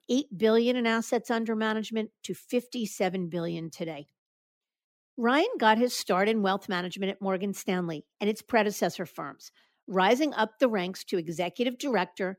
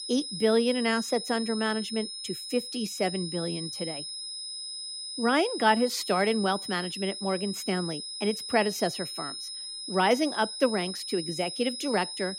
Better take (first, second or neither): first